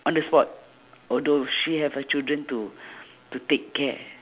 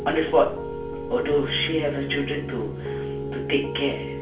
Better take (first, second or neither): first